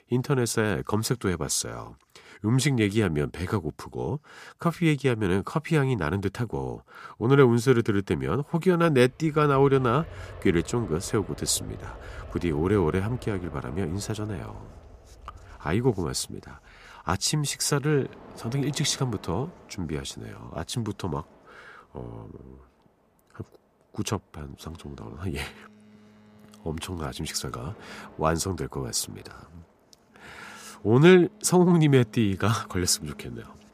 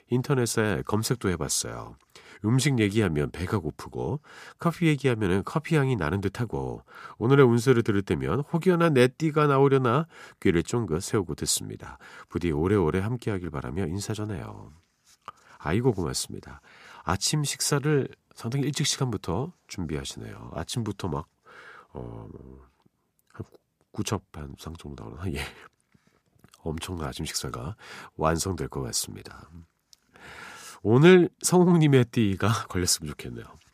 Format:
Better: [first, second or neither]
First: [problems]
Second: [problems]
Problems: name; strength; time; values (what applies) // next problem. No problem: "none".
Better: second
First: train or aircraft noise; faint; from 7.5 s on; 20 dB below the speech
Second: none